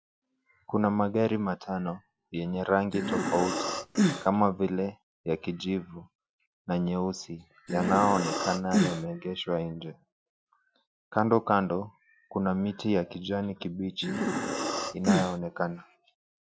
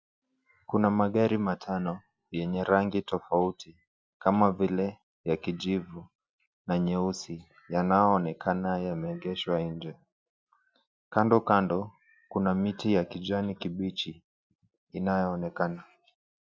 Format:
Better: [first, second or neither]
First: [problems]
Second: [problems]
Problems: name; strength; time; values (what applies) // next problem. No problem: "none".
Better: second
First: background sound (Breathing); 1 dB above the speech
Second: none